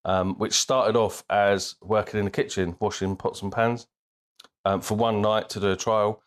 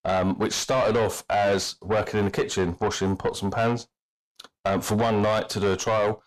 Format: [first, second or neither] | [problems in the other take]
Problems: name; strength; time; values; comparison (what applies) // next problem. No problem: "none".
first | distortion; heavy; 6 dB below the speech